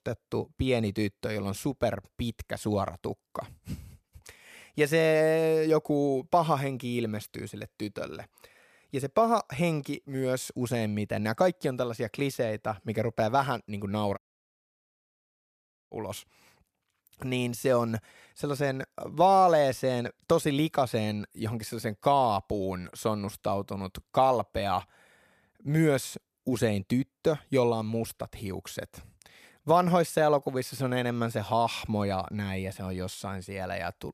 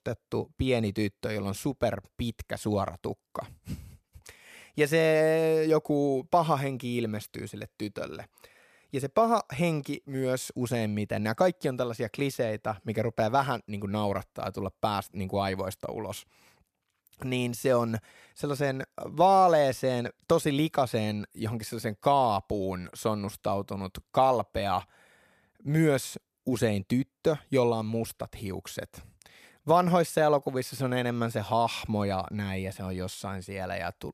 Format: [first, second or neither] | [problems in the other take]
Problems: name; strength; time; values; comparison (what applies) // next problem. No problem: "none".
second | audio cutting out; at 14 s for 1.5 s